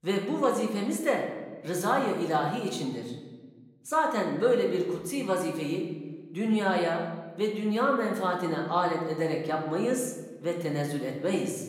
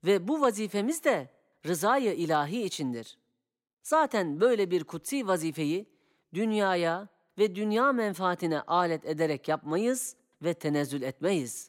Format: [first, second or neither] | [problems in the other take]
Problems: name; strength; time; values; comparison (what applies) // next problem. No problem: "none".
second | room echo; slight; dies away in 1.1 s // off-mic speech; somewhat distant